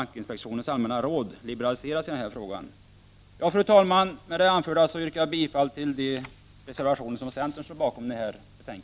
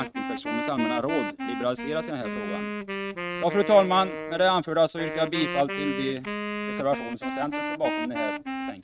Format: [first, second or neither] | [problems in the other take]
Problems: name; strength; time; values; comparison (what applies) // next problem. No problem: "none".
first | noise reduction (neural mask model RNNoise)